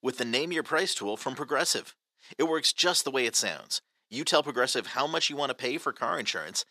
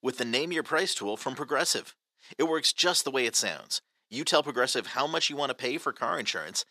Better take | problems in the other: neither | thin; somewhat; fading below 500 Hz; the same in both

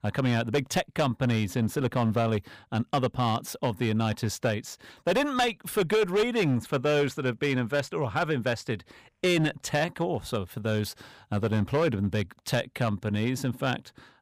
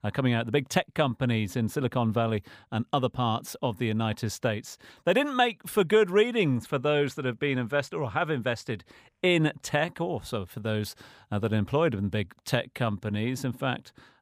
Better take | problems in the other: second | distortion; slight; 7% of the sound clipped

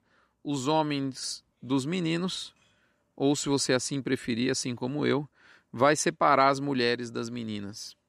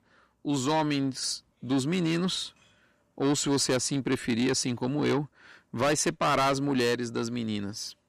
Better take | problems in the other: first | distortion; heavy; 7 dB below the speech

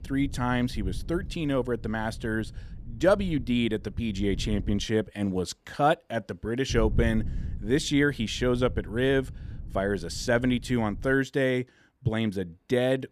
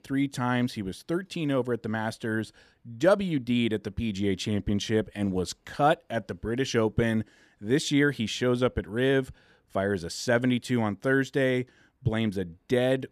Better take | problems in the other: second | wind noise on the microphone; occasional gusts; until 5 s and from 6.5 to 11 s; 25 dB below the speech

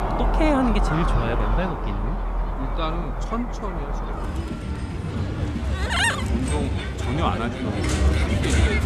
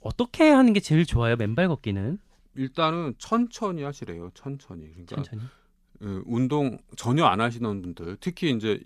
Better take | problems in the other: second | animal sounds; very loud; throughout; 3 dB above the speech

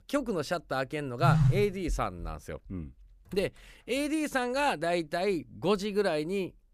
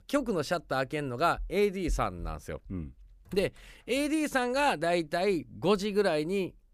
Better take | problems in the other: second | phone ringing; loud; at 1 s; peak 6 dB above the speech

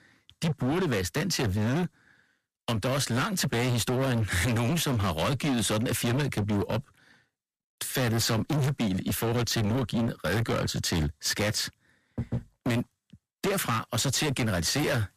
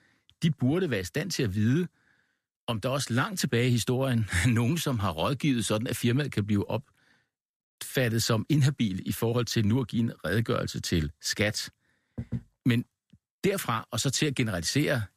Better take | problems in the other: second | distortion; heavy; 27% of the sound clipped

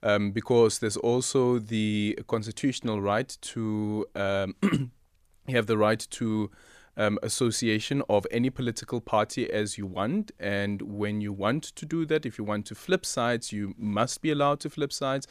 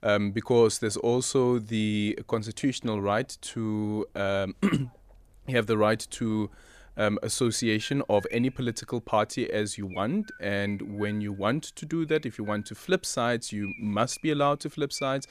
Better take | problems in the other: first | animal sounds; noticeable; throughout; 20 dB below the speech

